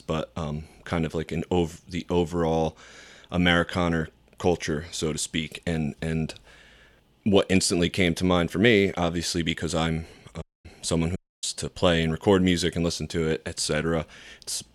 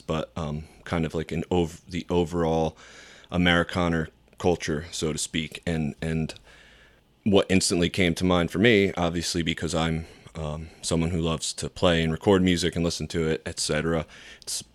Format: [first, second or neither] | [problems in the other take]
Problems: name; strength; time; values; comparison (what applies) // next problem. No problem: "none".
second | audio cutting out; at 10 s and at 11 s